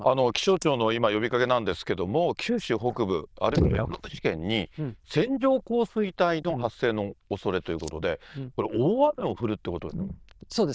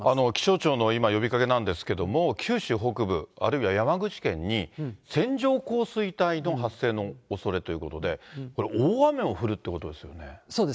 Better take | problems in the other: second | noise reduction (neural diffusion model UNIVERSE++)

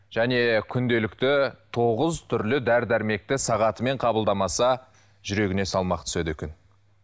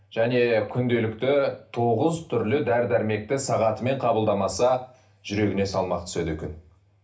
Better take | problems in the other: first | room echo; dies away in 0.3 s

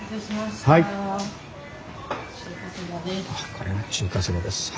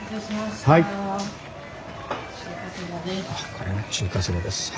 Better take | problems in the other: first | background sound (Applause / Crowd / Cheering); 16 dB below the speech

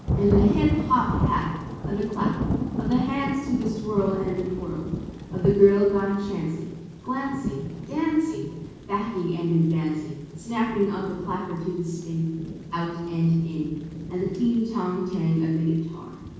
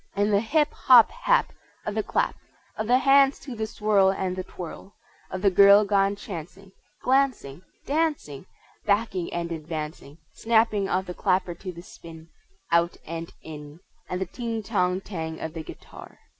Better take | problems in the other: second | background sound (Thunder / Rain); 6 dB below the speech // room echo; dies away in 1.2 s

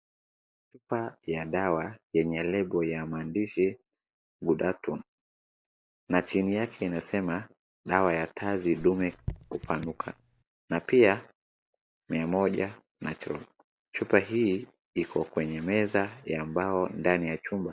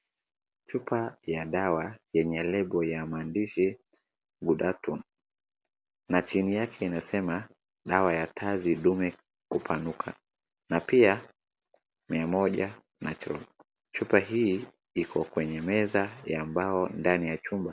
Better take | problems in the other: second | noise reduction (neural mask model DeepFilterNet 3)

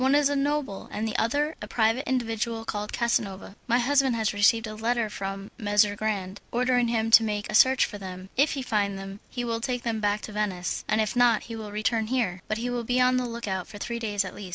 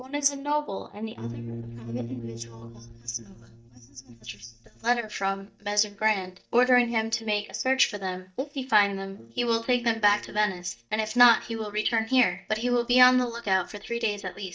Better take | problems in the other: first | noise reduction (neural mask model DeepFilterNet 3)

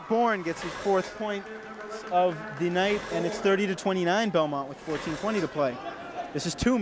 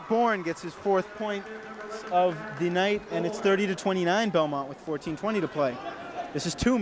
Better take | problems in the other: second | background sound (Dishes, pots, and pans); 16 dB below the speech

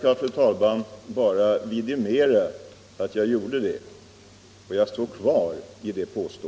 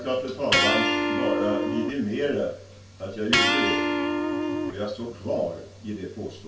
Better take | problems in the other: first | background sound (Electric guitar); 3 dB above the speech // room echo; dies away in 0.2 s

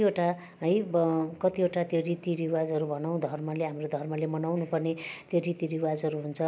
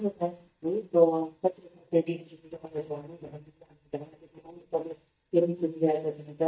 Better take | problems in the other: first | noise reduction (neural mask model DeepFilterNet 3)

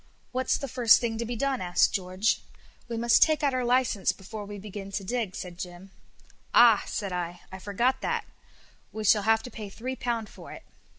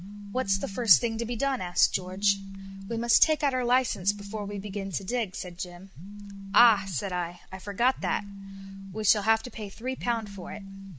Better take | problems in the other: first | background sound (Telephone); 12 dB below the speech

